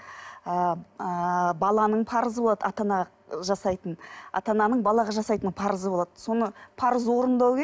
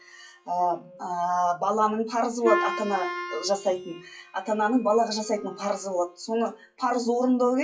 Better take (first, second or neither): first